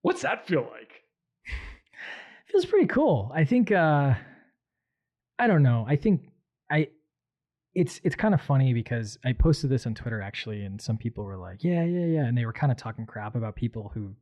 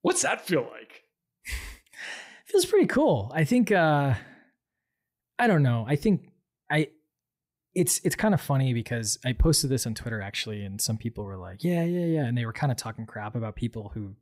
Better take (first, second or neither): second